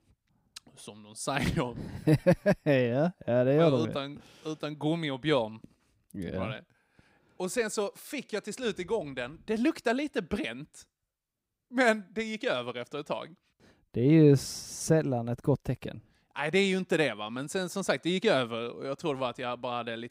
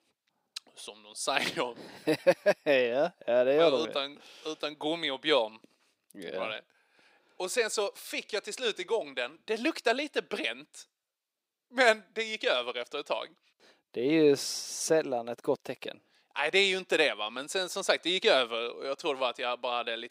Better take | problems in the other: first | thin; somewhat; fading below 450 Hz

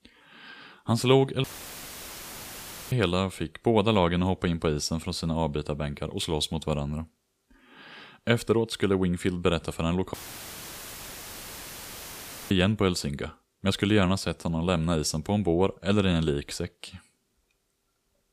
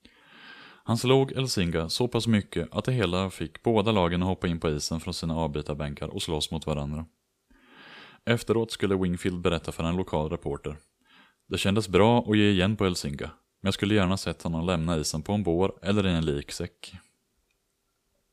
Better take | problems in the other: second | audio cutting out; filled with static; at 1.5 s for 1.5 s and at 10 s for 2.5 s

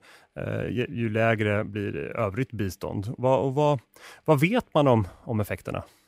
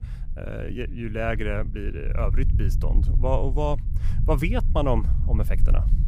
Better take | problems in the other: first | low rumble; noticeable; throughout; 15 dB below the speech

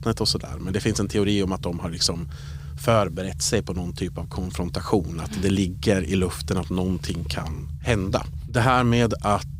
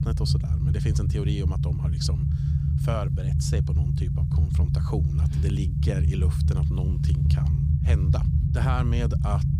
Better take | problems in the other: first | low rumble; loud; throughout; as loud as the speech; faint in the first

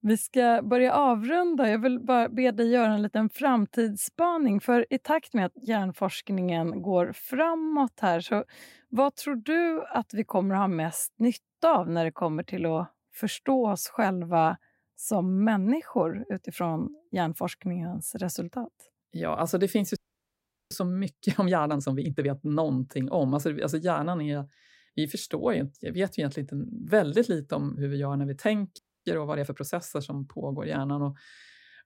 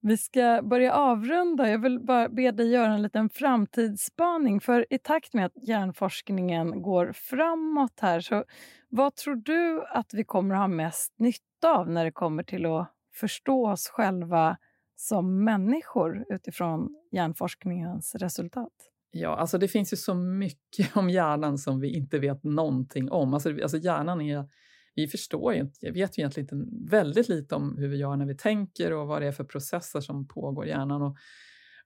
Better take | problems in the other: second | audio freezing; at 20 s for 1 s and at 29 s

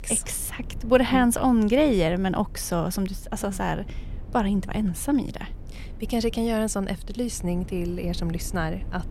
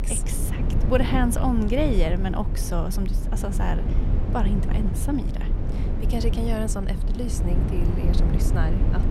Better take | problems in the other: first | low rumble; loud; throughout; 7 dB below the speech; faint in the first

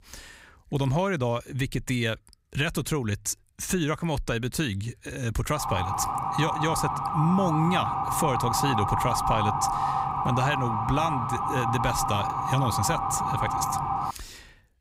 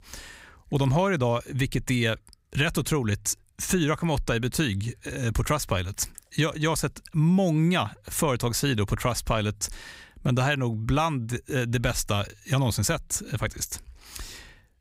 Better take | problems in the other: second | siren; loud; from 5.5 to 14 s; peak 3 dB above the speech

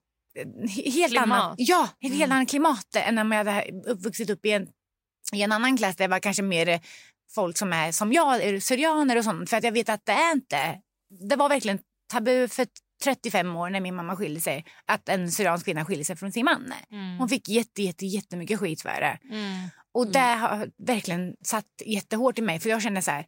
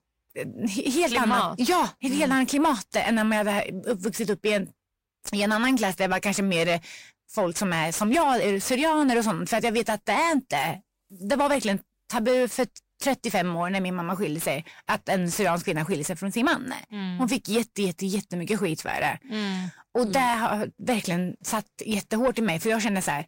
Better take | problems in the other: first | distortion; slight; 10 dB below the speech

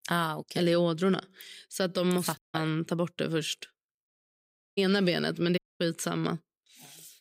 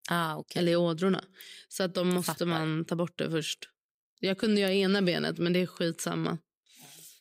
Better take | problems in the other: second | audio cutting out; at 2.5 s, at 4 s for 0.5 s and at 5.5 s

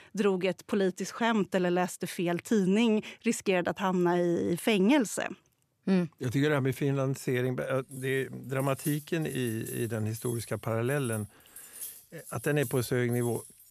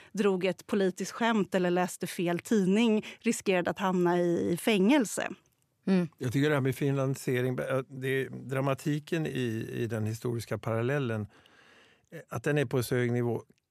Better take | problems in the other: second | jangling keys; faint; from 8 s on; peak 10 dB below the speech

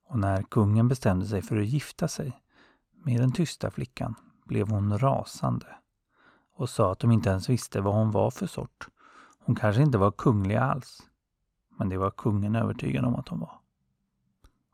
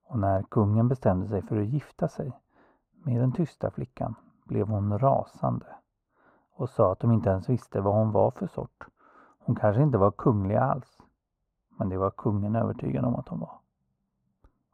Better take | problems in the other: first | muffled; very; fading above 2 kHz

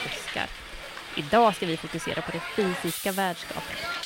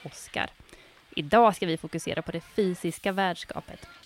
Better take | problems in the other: second | hiss; loud; throughout; 6 dB below the speech; faint in the second

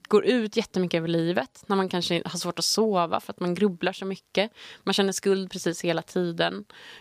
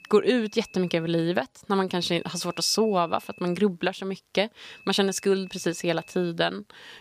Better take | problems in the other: first | high-pitched whine; faint; until 1.5 s, from 2 to 3.5 s and from 4.5 to 6.5 s; 2.5 kHz, 25 dB below the speech

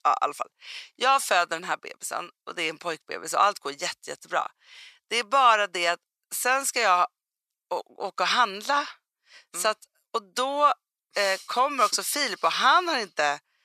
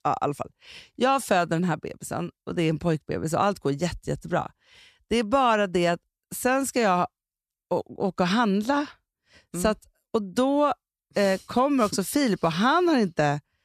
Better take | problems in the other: second | thin; very; fading below 750 Hz

